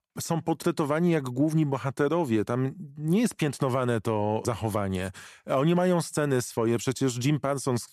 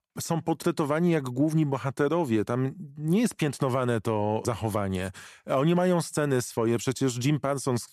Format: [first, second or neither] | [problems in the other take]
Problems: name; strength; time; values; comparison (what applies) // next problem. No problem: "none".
neither | none